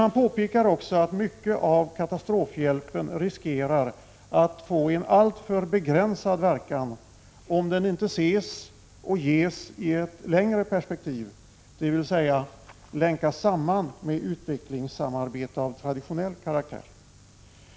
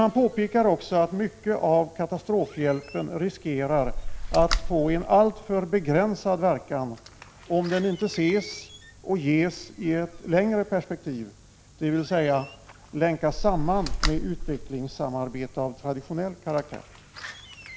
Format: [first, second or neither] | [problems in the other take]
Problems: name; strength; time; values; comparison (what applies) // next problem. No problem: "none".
first | background sound (Slam); 10 dB below the speech